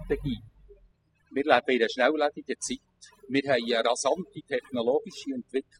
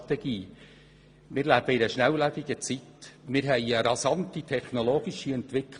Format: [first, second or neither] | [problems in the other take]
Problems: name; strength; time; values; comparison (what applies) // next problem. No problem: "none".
second | noise reduction (classical method spectral subtraction)